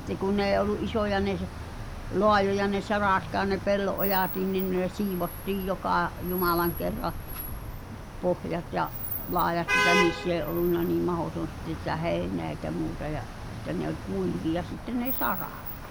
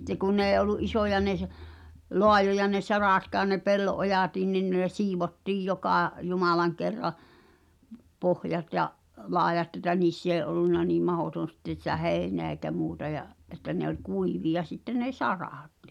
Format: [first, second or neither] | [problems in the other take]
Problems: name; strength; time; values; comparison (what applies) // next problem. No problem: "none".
second | background sound (Traffic noise, roadway noise / Vehicle horn, car horn, honking); 6 dB below the speech